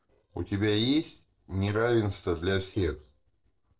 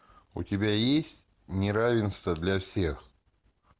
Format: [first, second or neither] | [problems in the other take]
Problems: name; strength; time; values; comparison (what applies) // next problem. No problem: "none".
second | noise reduction (neural separator model SepFormer DNS4)